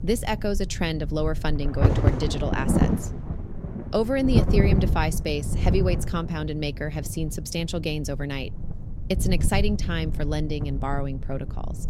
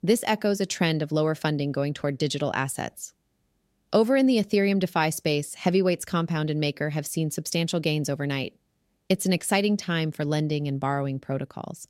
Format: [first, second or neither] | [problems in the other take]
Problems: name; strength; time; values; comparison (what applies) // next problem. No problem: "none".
second | wind noise on the microphone; heavy; 5 dB below the speech